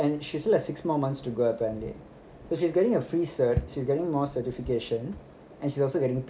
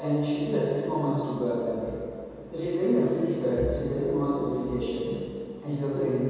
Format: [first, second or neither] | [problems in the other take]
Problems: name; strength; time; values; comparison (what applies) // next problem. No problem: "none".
first | room echo; dies away in 2.1 s